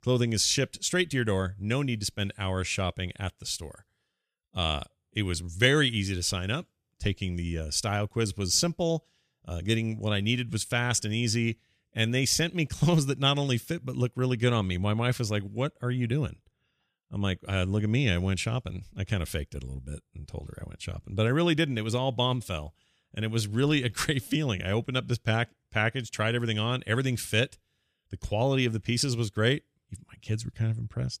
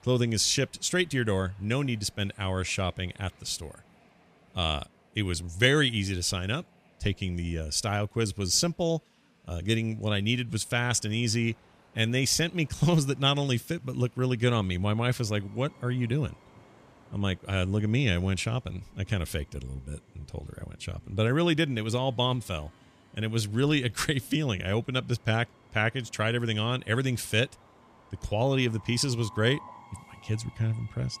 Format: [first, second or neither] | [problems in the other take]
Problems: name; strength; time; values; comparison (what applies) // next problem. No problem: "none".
first | train or aircraft noise; faint; throughout; 30 dB below the speech